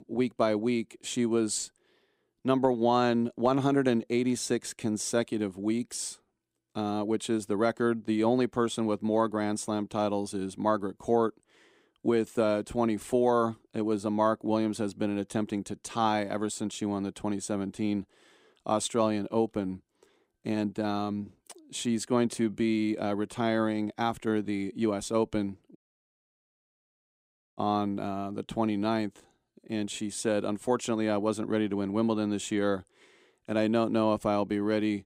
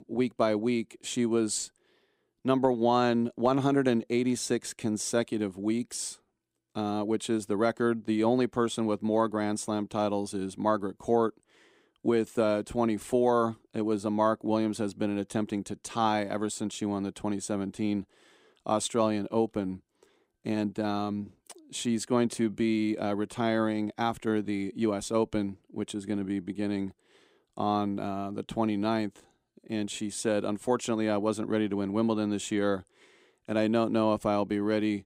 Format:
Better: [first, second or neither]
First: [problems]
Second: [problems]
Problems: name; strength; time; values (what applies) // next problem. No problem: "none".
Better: second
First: audio cutting out; at 26 s for 2 s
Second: none